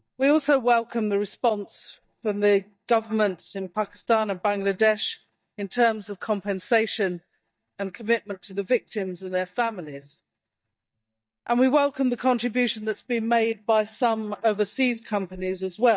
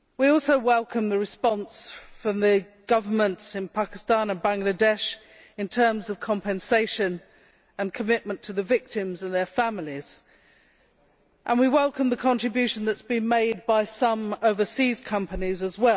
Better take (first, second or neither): second